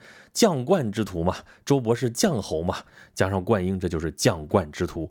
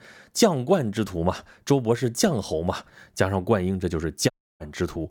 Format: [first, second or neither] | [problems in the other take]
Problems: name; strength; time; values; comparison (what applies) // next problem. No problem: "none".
first | audio cutting out; at 4.5 s